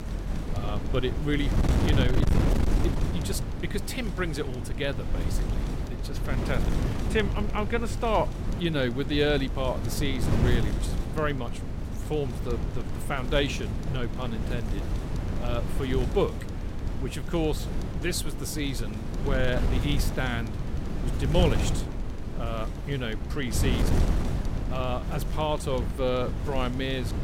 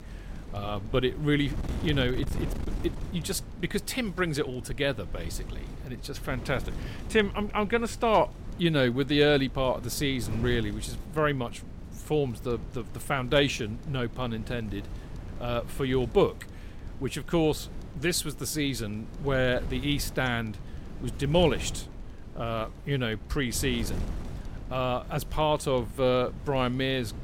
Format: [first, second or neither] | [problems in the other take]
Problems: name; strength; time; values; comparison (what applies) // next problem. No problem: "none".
second | wind noise on the microphone; heavy; 7 dB below the speech; occasional gusts in the second